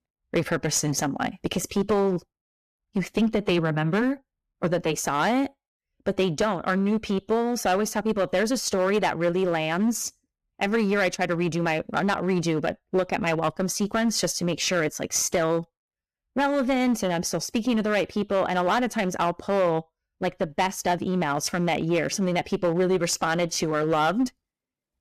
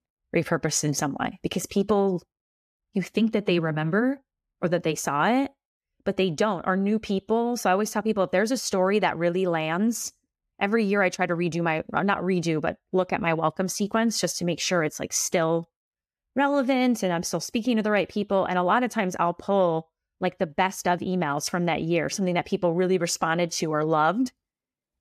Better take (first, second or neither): second